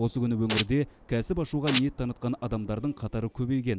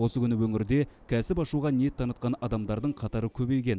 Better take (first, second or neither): second